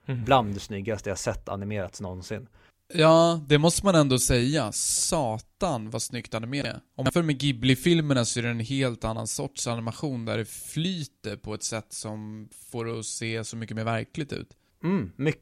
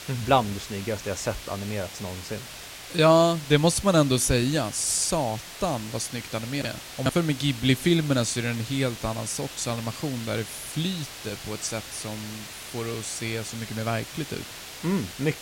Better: first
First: none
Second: hiss; noticeable; throughout; 10 dB below the speech

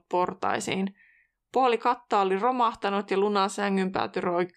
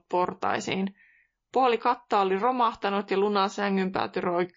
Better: first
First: none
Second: garbled, watery; slightly

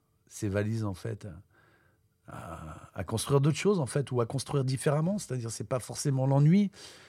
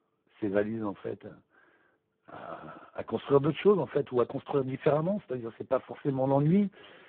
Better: first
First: none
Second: phone-call audio; poor line

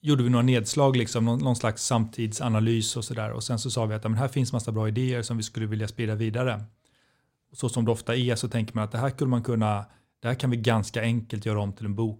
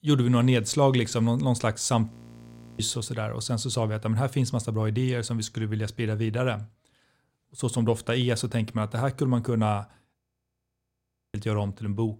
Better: first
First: none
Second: audio freezing; at 2 s for 0.5 s and at 10 s for 1 s

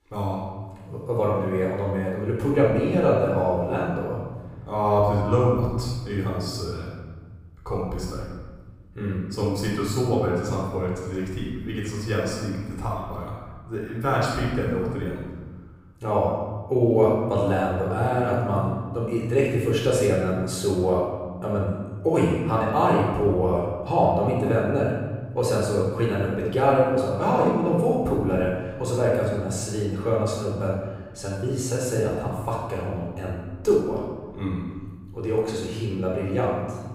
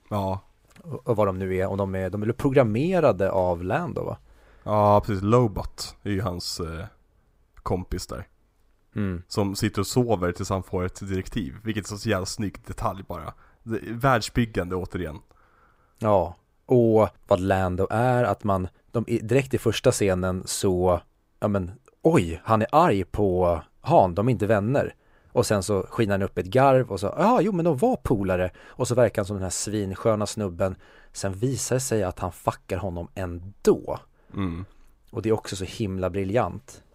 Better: second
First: off-mic speech; far // room echo; strong; dies away in 1.4 s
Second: none

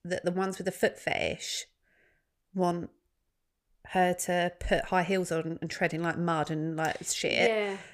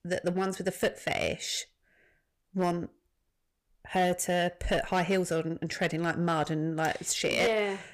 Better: first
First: none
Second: distortion; slight; 4% of the sound clipped

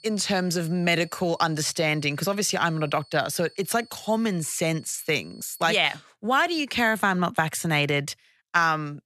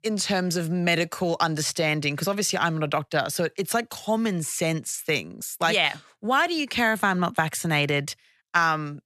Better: second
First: high-pitched whine; faint; until 5.5 s; 4.5 kHz, 25 dB below the speech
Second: none

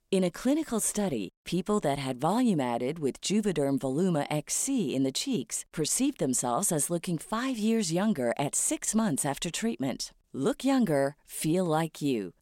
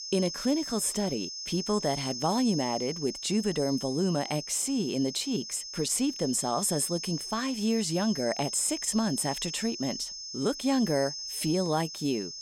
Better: first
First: none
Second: high-pitched whine; loud; throughout; 5 kHz, 7 dB below the speech

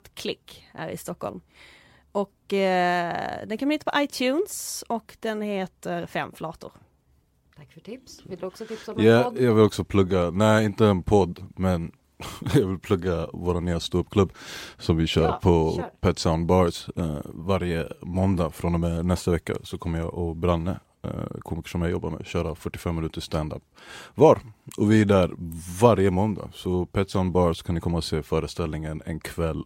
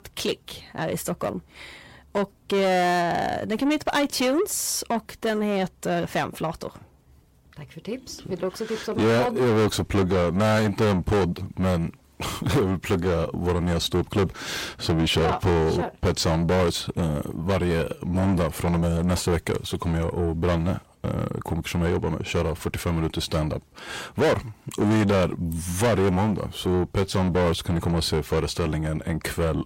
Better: first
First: none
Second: distortion; heavy; 5 dB below the speech

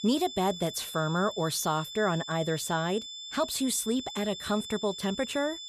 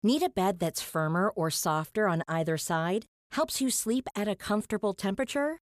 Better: second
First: high-pitched whine; loud; throughout; 3.5 kHz, 9 dB below the speech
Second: none

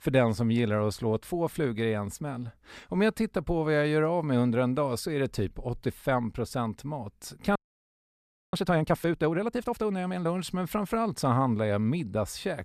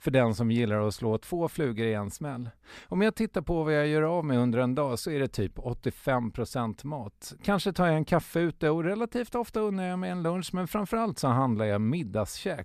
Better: second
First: audio freezing; at 7.5 s for 1 s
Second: none

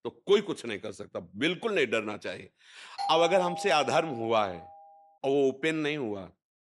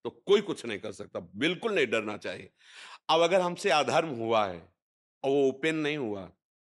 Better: second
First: doorbell; noticeable; from 3 to 4.5 s; peak 5 dB below the speech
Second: none

